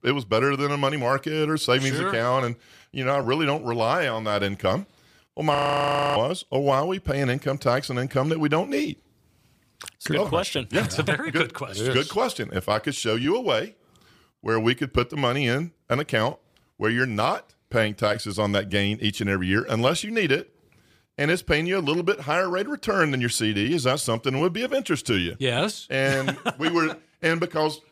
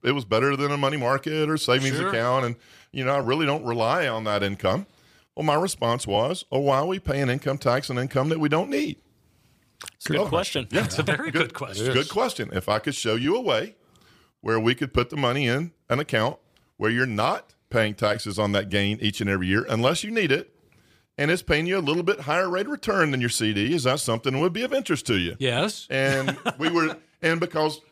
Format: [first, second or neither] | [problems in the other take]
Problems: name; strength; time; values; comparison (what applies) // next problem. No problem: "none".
second | audio freezing; at 5.5 s for 0.5 s